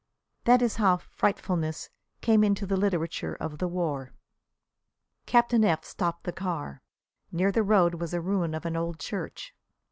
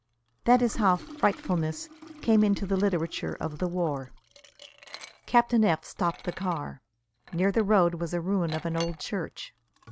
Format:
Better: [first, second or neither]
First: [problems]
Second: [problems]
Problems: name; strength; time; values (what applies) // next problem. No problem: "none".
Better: first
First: none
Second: background sound (Liquid); 19 dB below the speech